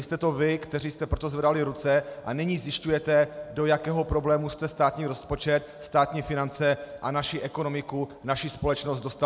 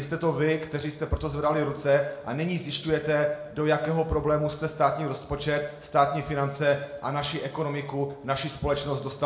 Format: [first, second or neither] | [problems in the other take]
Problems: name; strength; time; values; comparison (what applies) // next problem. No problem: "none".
first | room echo; dies away in 0.6 s